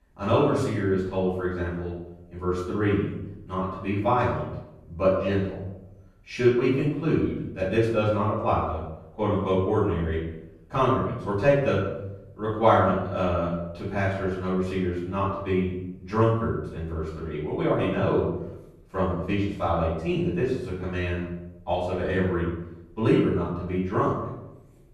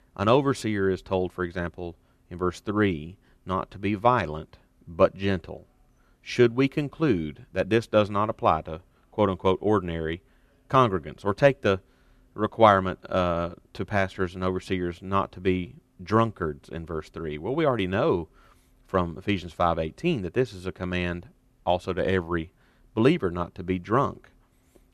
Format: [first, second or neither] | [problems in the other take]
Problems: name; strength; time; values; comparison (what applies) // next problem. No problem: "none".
second | off-mic speech; far // room echo; noticeable; dies away in 0.9 s